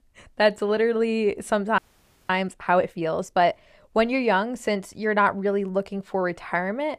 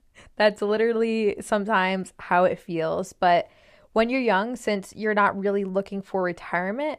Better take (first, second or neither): second